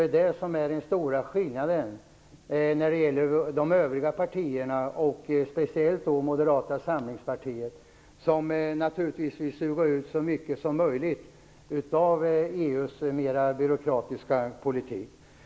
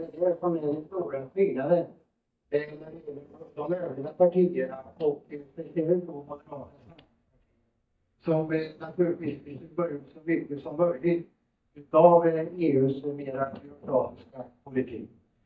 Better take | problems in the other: first | noise reduction (neural mask model DeepFilterNet 3)

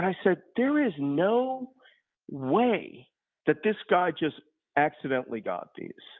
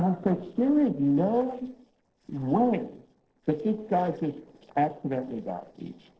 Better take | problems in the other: first | noise reduction (neural separator model SepFormer DNS4)

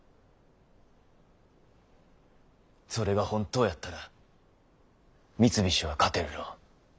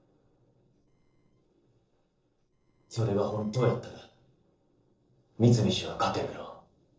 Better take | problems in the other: first | noise reduction (neural separator model SepFormer DNS4)

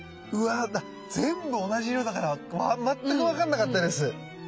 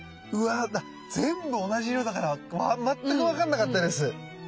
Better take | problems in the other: second | background sound (Wind instrument, woodwind instrument); 20 dB below the speech

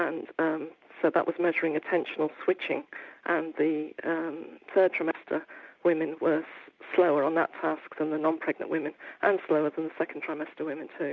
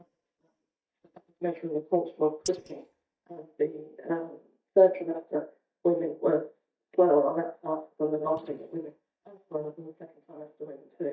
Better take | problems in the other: first | noise reduction (neural mask model DeepFilterNet 3)

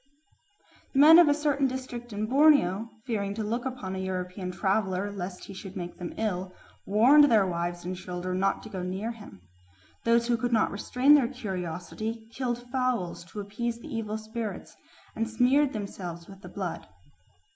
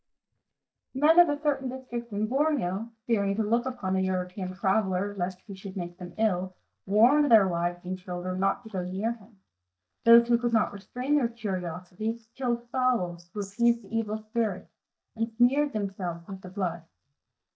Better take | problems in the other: first | noise reduction (neural mask model DeepFilterNet 3)

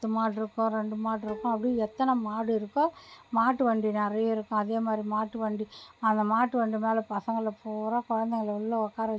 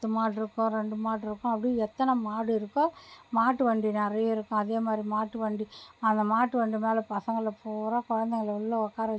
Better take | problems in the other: second | background sound (Plucked string instrument); 19 dB below the speech

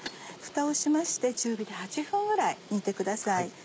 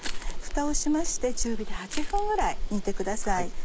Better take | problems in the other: first | background sound (Crushing); 2 dB above the speech

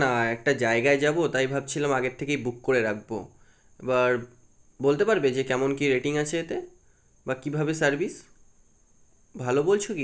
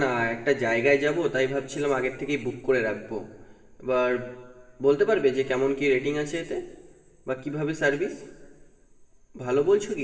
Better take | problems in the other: first | room echo; dies away in 1.8 s

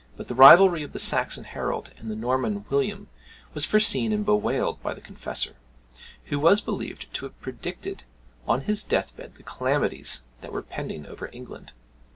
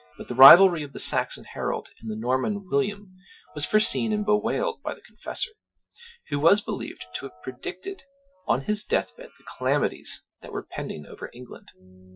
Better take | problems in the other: first | noise reduction (classical method Wiener filter)

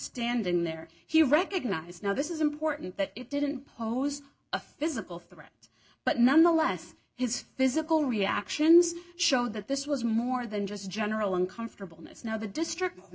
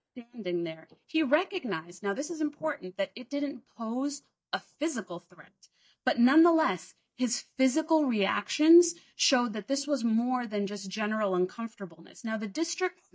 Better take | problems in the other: first | noise reduction (neural mask model DeepFilterNet 3)

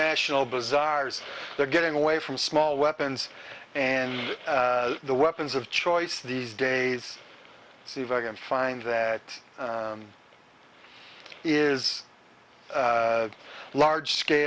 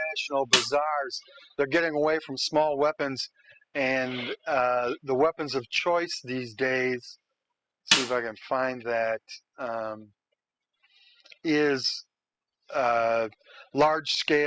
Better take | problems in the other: first | noise reduction (classical method spectral subtraction)

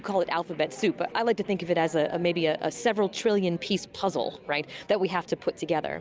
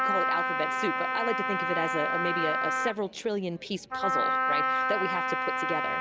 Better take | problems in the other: first | background sound (Wind instrument, woodwind instrument); 4 dB above the speech

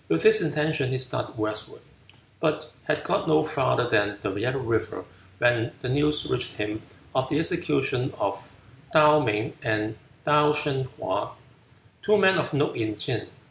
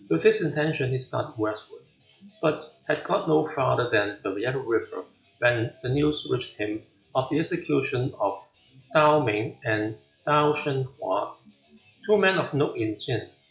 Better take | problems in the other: first | noise reduction (classical method log-MMSE)

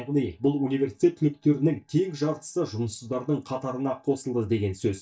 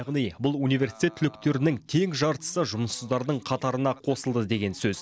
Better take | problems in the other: second | noise reduction (neural mask model DeepFilterNet 3)

